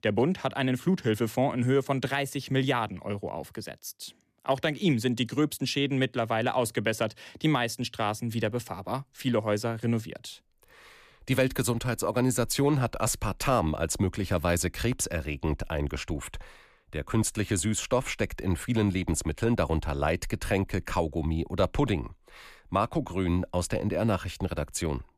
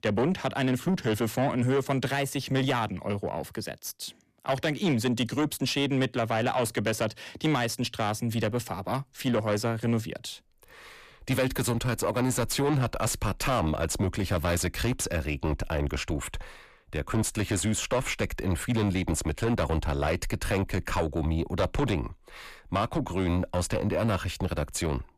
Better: first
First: none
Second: distortion; slight; 10 dB below the speech

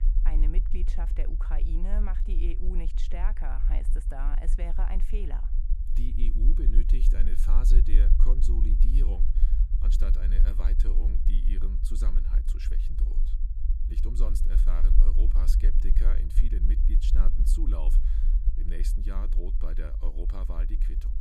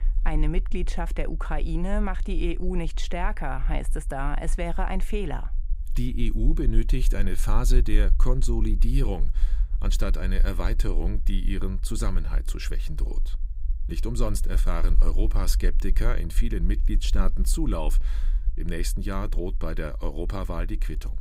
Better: second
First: low rumble; loud; throughout; 6 dB below the speech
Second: low rumble; faint; throughout; 20 dB below the speech

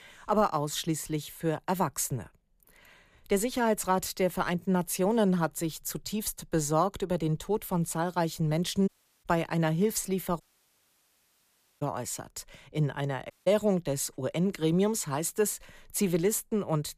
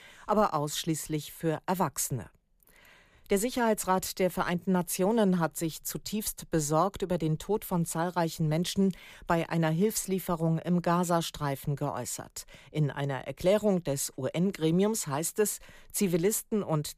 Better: second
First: audio cutting out; at 9 s, at 10 s for 1.5 s and at 13 s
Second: none

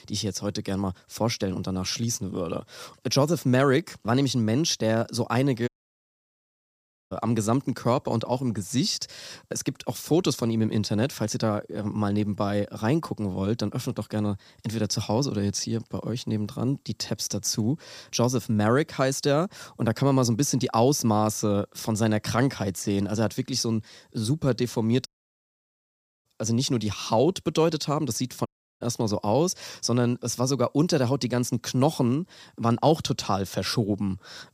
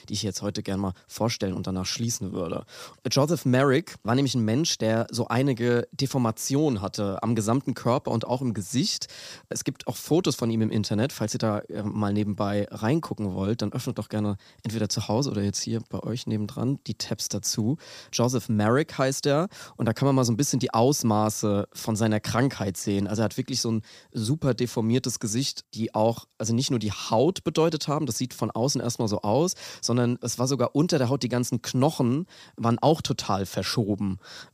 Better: second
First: audio cutting out; at 5.5 s for 1.5 s, at 25 s for 1 s and at 28 s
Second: none

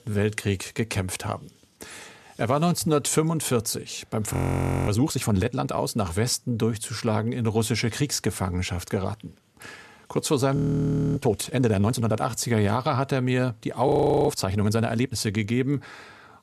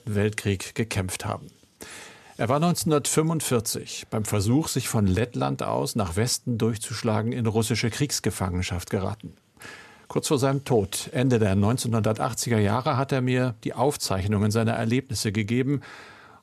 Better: second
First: audio freezing; at 4.5 s for 0.5 s, at 11 s for 0.5 s and at 14 s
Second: none

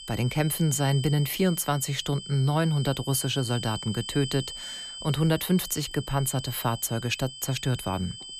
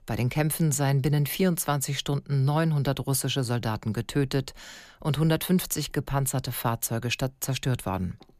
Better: second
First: high-pitched whine; noticeable; throughout; 3 kHz, 10 dB below the speech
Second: none

